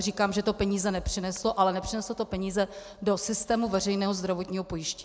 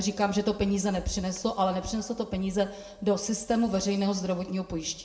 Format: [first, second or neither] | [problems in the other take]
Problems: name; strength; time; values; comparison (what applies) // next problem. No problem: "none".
first | room echo; dies away in 0.8 s